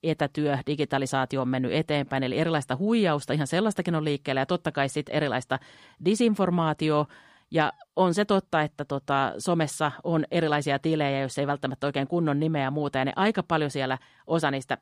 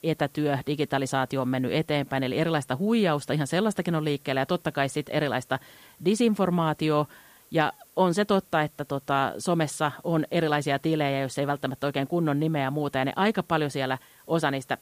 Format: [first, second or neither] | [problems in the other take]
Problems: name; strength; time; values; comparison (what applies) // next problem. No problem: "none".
first | hiss; faint; throughout; 30 dB below the speech